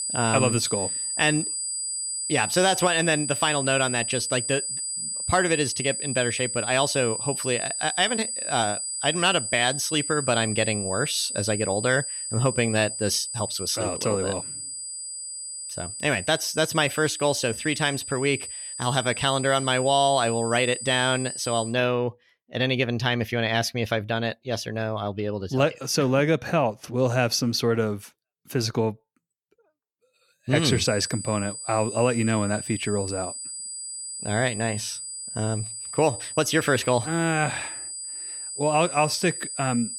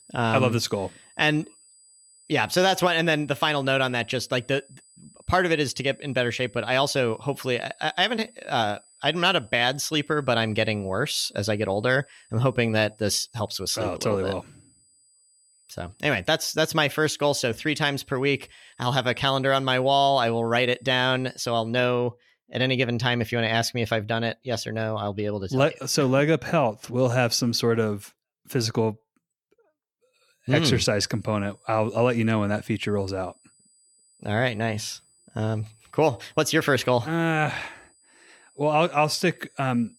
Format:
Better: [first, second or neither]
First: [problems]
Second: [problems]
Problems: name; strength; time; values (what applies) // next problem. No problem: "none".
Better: second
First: high-pitched whine; loud; until 22 s and from 31 s on; 8 kHz, 5 dB below the speech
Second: high-pitched whine; faint; until 22 s and from 31 s on; 8 kHz, 30 dB below the speech